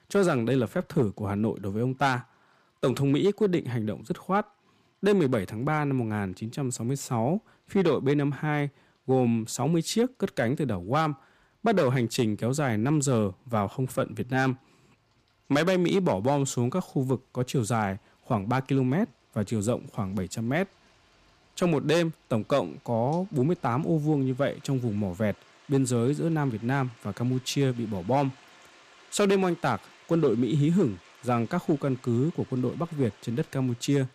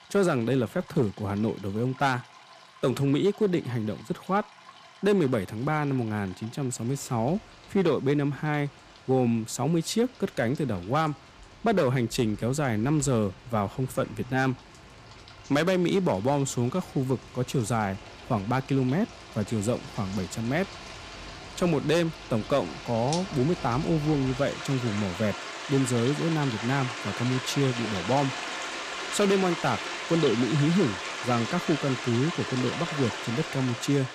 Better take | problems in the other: first | rain or running water; loud; throughout; 8 dB below the speech; faint in the first

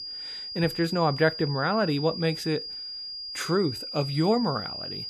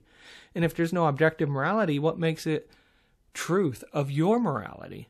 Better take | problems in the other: second | high-pitched whine; loud; throughout; 5 kHz, 7 dB below the speech

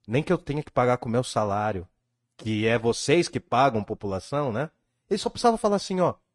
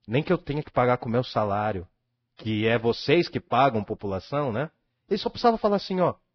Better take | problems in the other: first | garbled, watery; badly; nothing above 5.5 kHz; slightly in the first

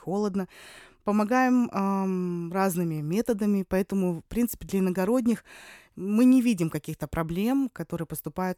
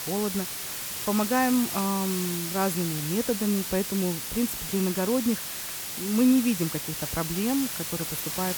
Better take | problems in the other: first | hiss; loud; throughout; 3 dB below the speech

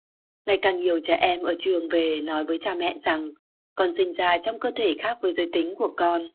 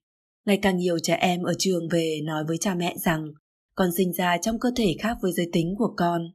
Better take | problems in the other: second | phone-call audio; poor line

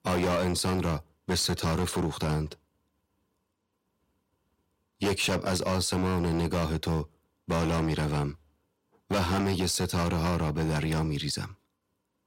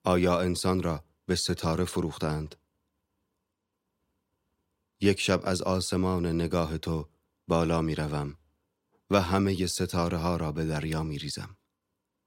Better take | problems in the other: second | distortion; heavy; 13% of the sound clipped

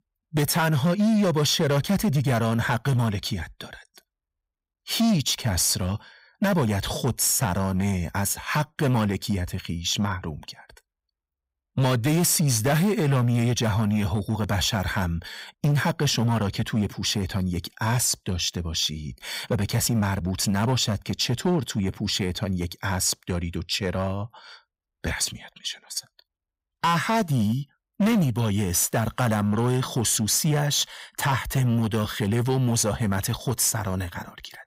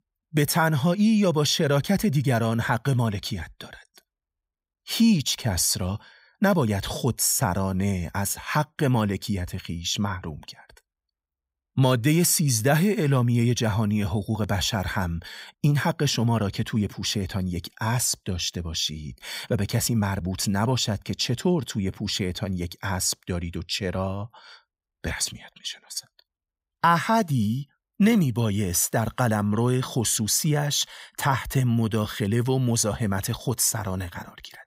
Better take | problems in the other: second | distortion; slight; 8% of the sound clipped

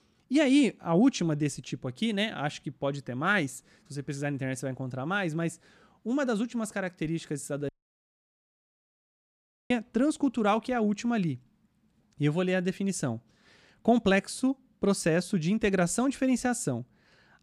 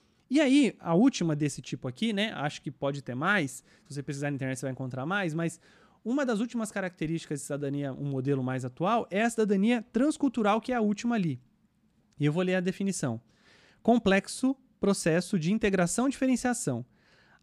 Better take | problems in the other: second | audio cutting out; at 7.5 s for 2 s

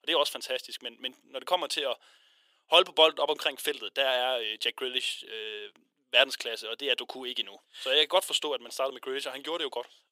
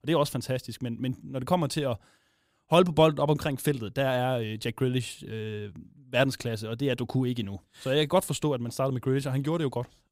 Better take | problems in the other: second | thin; very; fading below 400 Hz

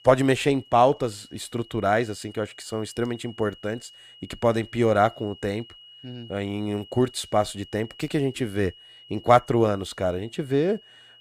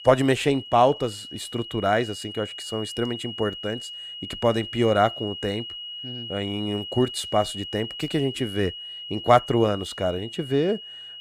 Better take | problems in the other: first | high-pitched whine; loud; throughout; 3 kHz, 10 dB below the speech; faint in the first

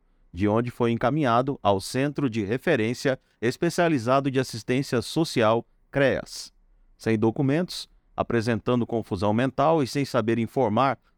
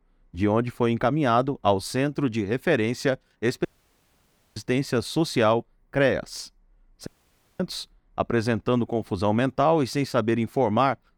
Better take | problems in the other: first | audio cutting out; at 3.5 s for 1 s and at 7 s for 0.5 s

